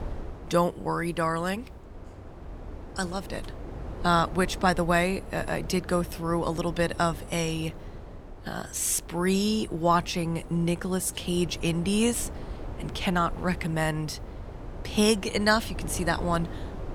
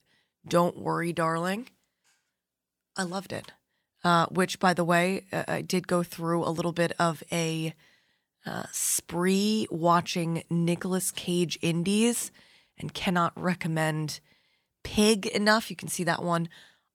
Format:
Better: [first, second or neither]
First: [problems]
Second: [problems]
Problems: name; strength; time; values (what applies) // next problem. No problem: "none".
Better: second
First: wind noise on the microphone; occasional gusts; 20 dB below the speech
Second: none